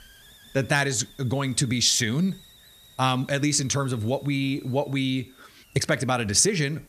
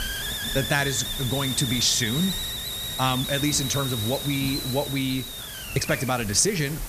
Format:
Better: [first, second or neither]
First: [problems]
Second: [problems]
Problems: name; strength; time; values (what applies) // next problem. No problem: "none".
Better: first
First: hiss; faint; throughout; 25 dB below the speech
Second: hiss; loud; throughout; 4 dB below the speech